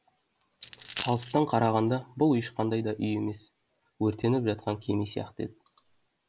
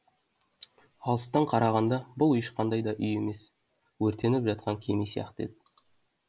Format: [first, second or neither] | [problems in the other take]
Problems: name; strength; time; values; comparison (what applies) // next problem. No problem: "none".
second | background sound (Coin (dropping)); 11 dB below the speech